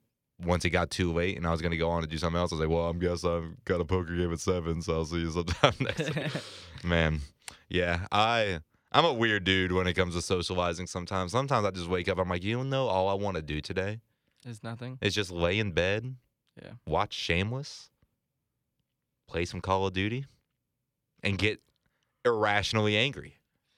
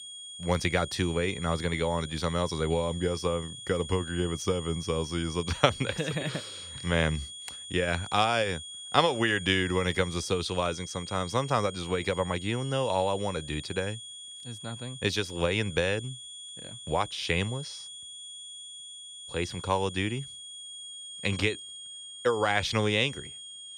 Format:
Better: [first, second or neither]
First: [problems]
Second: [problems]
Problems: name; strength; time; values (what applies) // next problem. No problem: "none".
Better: first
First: none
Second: high-pitched whine; noticeable; throughout; 3.5 kHz, 10 dB below the speech